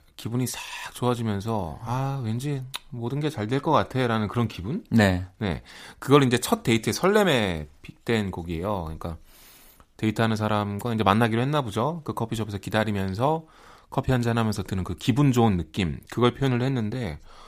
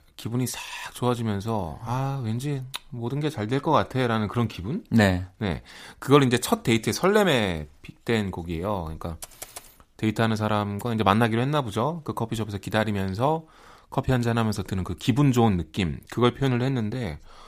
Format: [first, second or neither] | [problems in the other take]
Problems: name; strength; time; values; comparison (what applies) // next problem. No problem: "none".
first | keyboard typing; faint; at 9 s; peak 15 dB below the speech